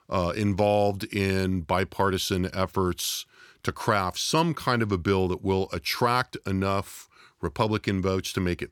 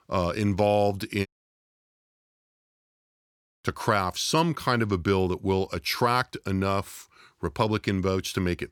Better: first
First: none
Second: audio cutting out; at 1.5 s for 2.5 s

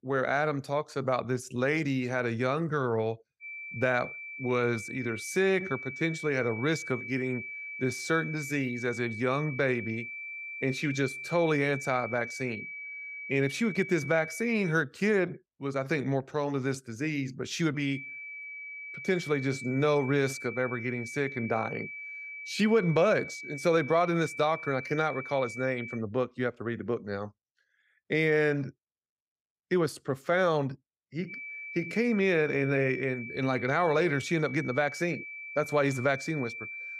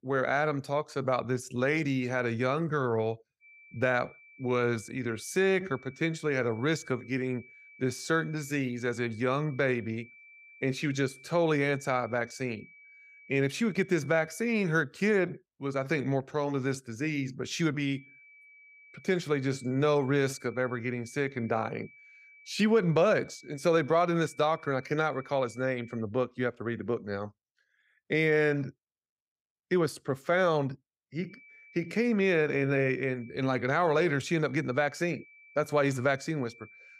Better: second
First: high-pitched whine; loud; from 3.5 to 15 s, from 18 to 26 s and from 31 s on; 2.5 kHz, 9 dB below the speech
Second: high-pitched whine; faint; from 3.5 to 15 s, from 18 to 26 s and from 31 s on; 2.5 kHz, 25 dB below the speech

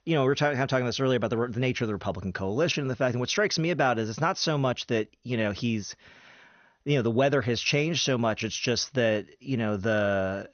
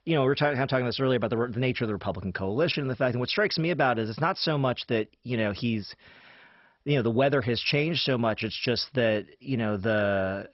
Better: first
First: garbled, watery; slightly; nothing above 6.5 kHz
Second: garbled, watery; badly; nothing above 5.5 kHz

